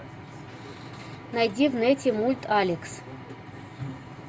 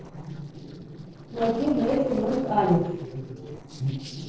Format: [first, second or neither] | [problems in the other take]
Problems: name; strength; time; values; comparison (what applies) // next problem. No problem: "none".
first | noise reduction (neural separator model SepFormer DNS4)